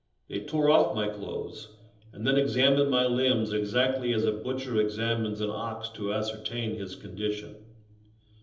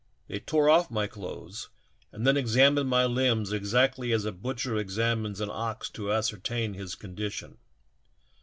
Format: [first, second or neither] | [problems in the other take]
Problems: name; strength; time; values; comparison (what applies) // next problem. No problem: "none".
second | room echo; dies away in 1.2 s